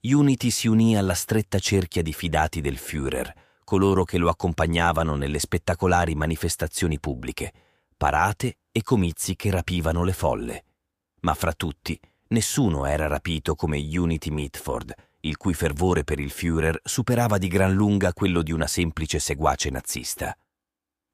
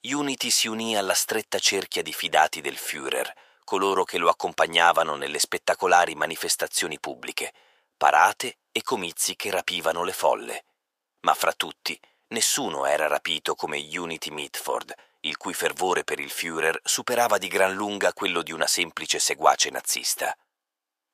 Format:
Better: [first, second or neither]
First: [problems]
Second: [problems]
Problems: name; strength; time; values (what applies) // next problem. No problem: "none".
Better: first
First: none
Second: thin; very; fading below 650 Hz